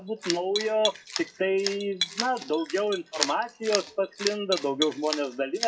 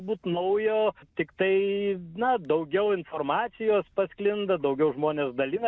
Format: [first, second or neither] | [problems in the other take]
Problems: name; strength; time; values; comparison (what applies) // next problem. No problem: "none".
second | noise reduction (classical method WPE with log-MMSE)